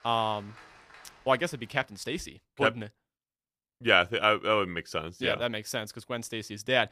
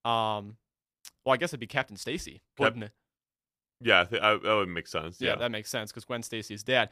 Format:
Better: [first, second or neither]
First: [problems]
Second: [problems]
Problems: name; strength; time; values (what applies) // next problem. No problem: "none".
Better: second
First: crowd noise; faint; until 2 s; 25 dB below the speech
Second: none